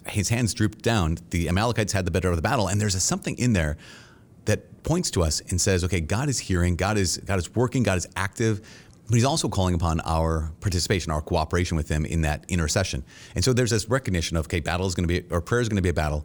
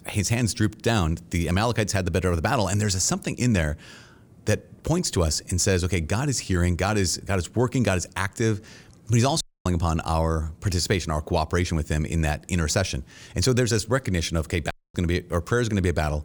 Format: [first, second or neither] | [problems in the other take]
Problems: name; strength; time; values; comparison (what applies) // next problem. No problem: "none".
first | audio cutting out; at 9.5 s and at 15 s